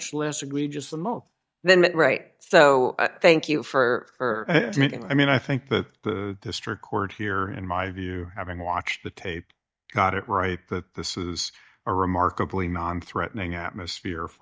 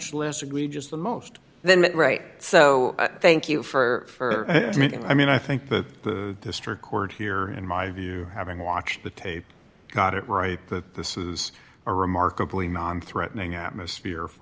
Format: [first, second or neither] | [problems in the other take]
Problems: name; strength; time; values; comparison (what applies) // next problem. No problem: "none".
second | noise reduction (neural mask model DeepFilterNet 3)